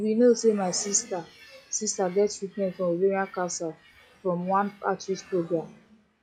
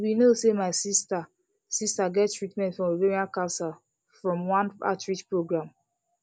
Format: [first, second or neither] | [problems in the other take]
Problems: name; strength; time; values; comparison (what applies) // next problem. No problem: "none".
second | noise reduction (classical method log-MMSE)